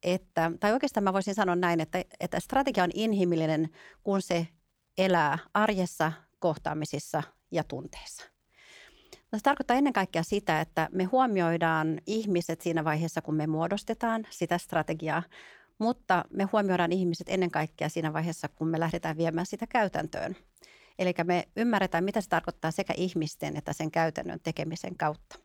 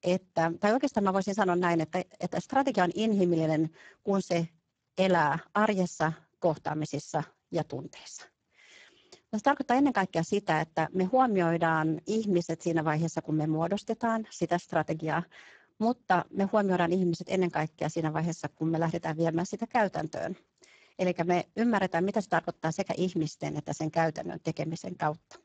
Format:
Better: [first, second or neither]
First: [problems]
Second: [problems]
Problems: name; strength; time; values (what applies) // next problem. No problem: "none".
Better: first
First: none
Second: garbled, watery; badly; nothing above 7.5 kHz